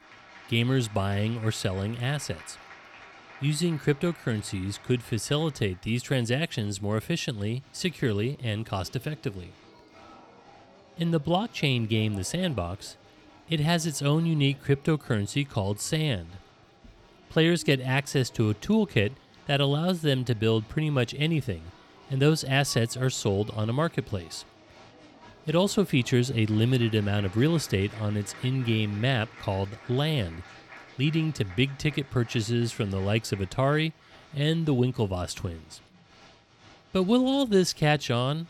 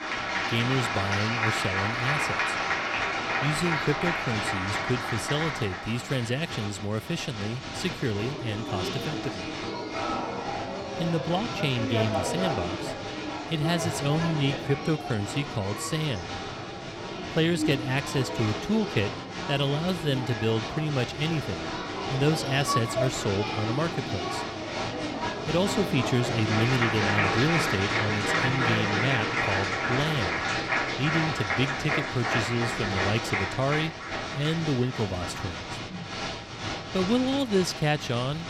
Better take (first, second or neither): first